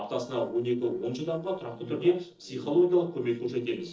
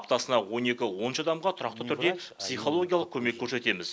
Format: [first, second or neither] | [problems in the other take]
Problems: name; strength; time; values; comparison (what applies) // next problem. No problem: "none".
second | noise reduction (neural separator model SepFormer DNS4)